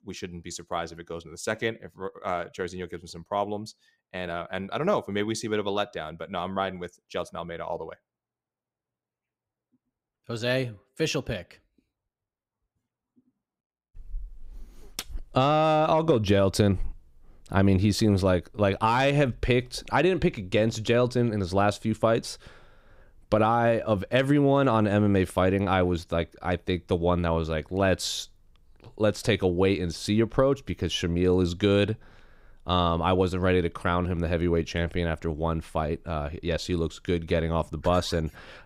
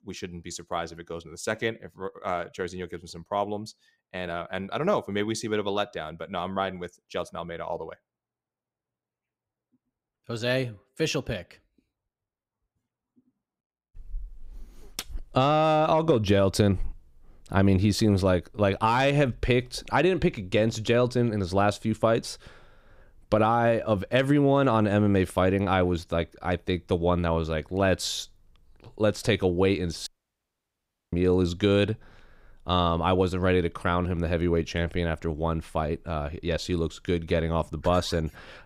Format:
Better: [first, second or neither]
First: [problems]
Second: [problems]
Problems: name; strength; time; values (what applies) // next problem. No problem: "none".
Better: first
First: none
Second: audio cutting out; at 30 s for 1 s